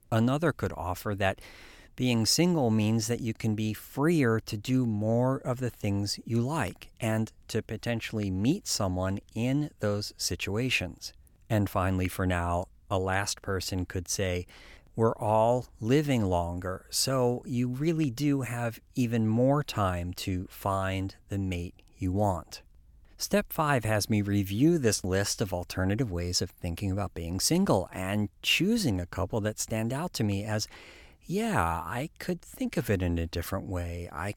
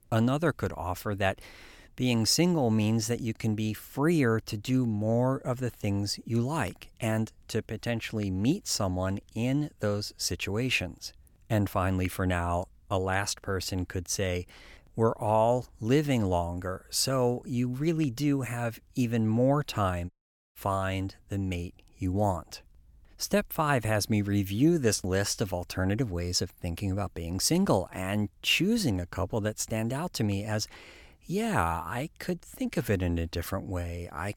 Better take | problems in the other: first | audio cutting out; at 20 s

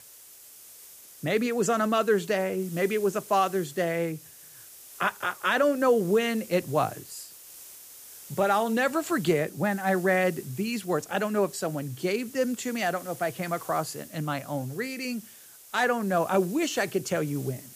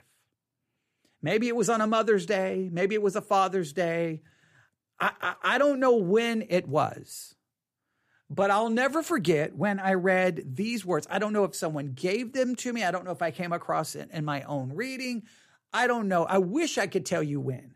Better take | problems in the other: second | hiss; noticeable; throughout; 20 dB below the speech

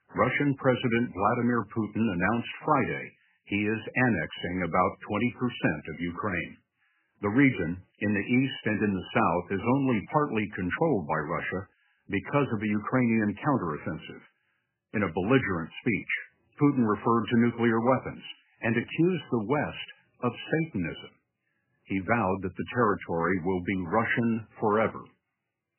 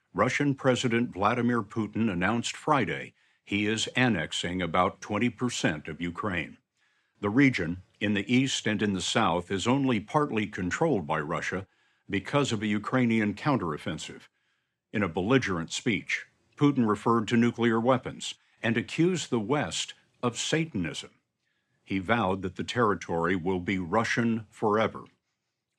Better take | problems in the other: second | garbled, watery; badly; nothing above 3 kHz

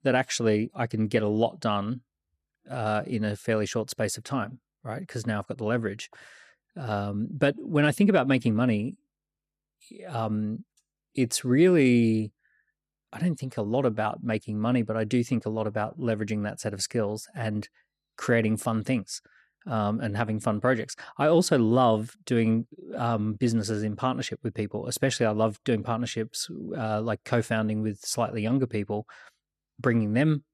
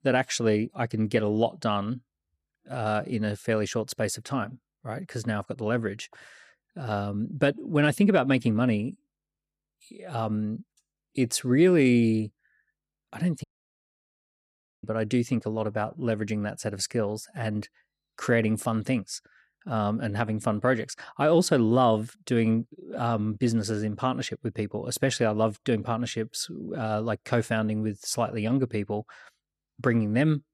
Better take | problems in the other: first | audio cutting out; at 13 s for 1.5 s

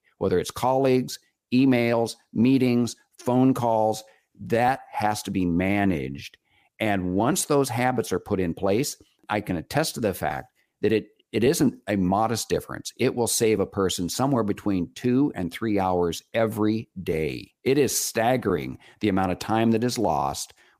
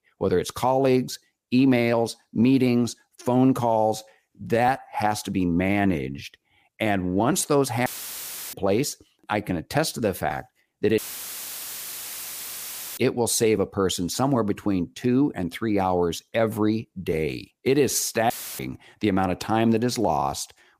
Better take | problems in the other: first | audio cutting out; filled with static; at 8 s for 0.5 s, at 11 s for 2 s and at 18 s

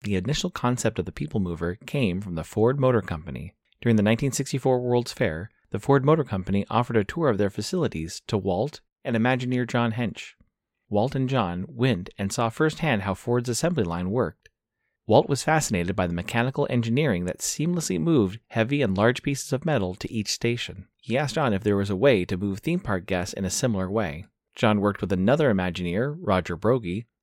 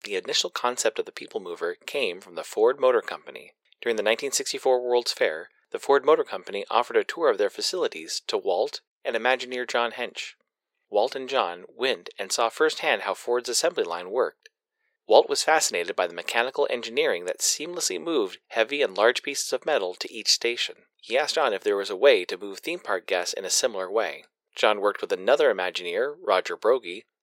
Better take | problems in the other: first | thin; very; fading below 450 Hz

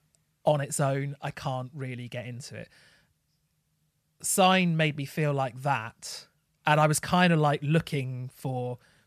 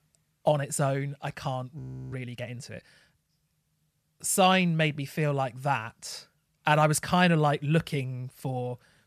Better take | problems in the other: first | audio freezing; at 2 s

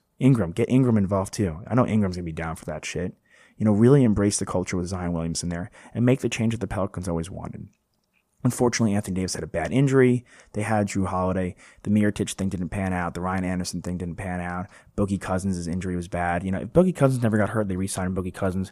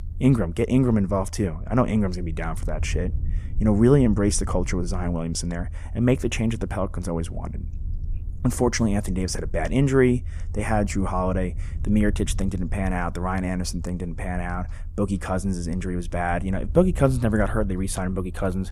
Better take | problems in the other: first | low rumble; faint; throughout; 25 dB below the speech

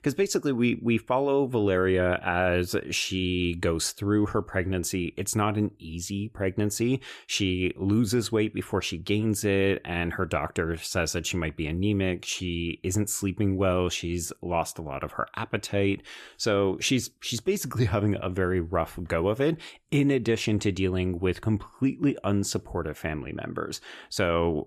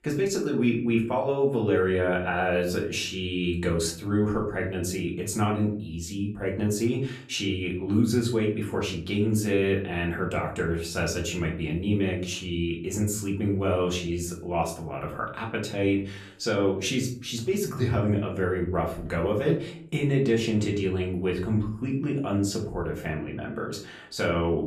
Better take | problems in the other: first | off-mic speech; far // room echo; slight; dies away in 0.5 s

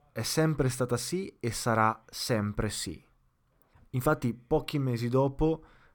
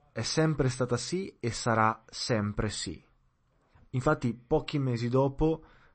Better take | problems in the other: first | garbled, watery; slightly; nothing above 8 kHz

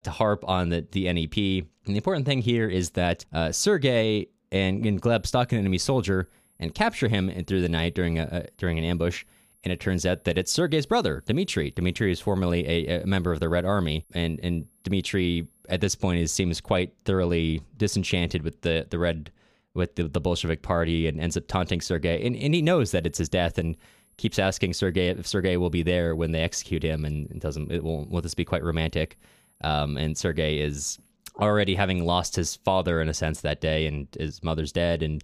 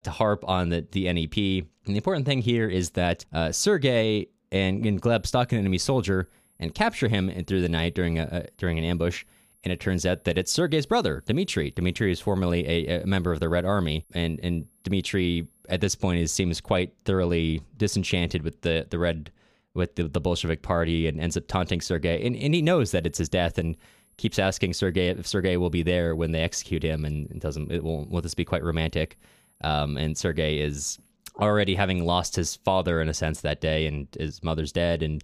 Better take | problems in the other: neither | high-pitched whine; faint; from 5 to 16 s and from 23 to 31 s; 11 kHz, 35 dB below the speech; the same in both

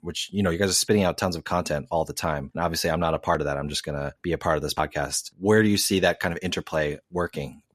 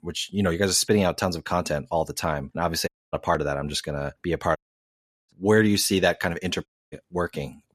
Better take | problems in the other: first | audio cutting out; at 3 s, at 4.5 s for 0.5 s and at 6.5 s

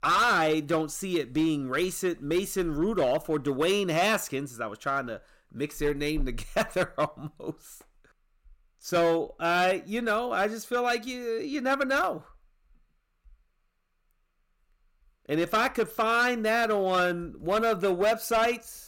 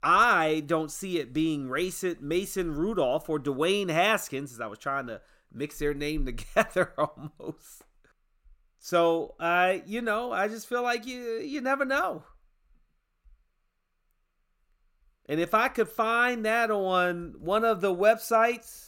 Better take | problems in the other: second | distortion; slight; 6% of the sound clipped

